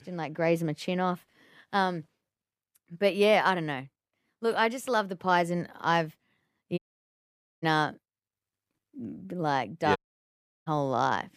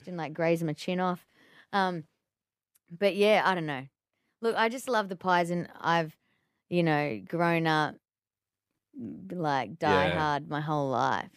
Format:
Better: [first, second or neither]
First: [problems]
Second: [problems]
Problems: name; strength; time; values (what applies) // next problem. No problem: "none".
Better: second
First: audio cutting out; at 7 s for 1 s and at 10 s for 0.5 s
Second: none